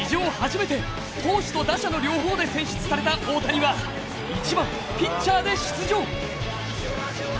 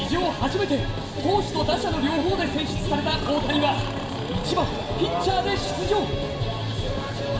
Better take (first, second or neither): first